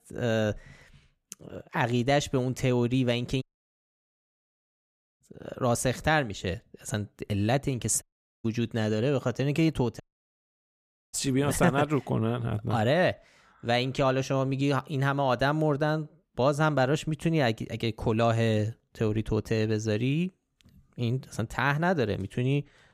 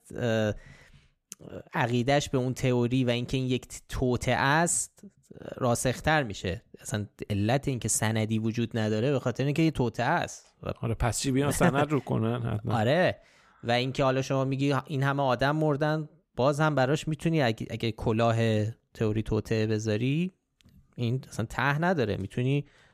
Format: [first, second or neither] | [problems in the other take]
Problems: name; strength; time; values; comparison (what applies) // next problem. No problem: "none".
second | audio cutting out; at 3.5 s for 2 s, at 8 s and at 10 s for 1 s